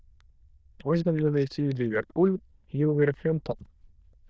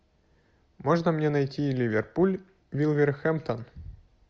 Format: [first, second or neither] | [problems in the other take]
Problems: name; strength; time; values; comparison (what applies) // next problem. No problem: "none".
second | noise reduction (neural diffusion model UNIVERSE++)